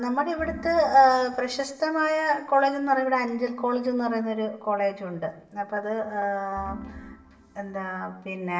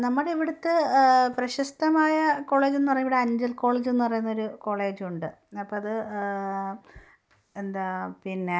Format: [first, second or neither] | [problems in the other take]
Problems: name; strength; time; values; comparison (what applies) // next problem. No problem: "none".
second | background sound (Organ); 16 dB below the speech // room echo; dies away in 0.8 s